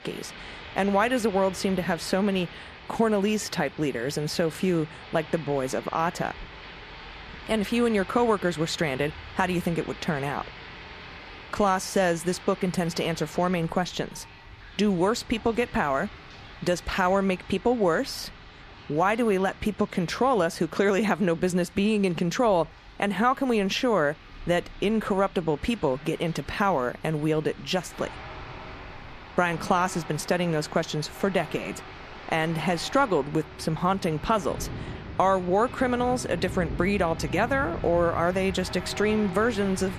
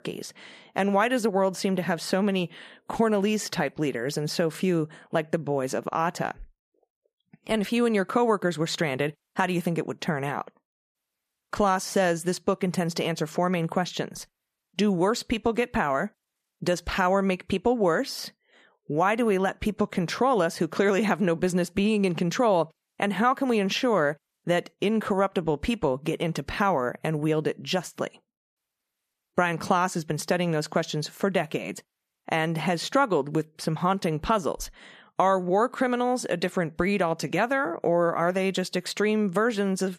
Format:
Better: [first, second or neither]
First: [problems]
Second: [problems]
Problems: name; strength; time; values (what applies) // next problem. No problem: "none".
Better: second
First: rain or running water; noticeable; throughout; 15 dB below the speech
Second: none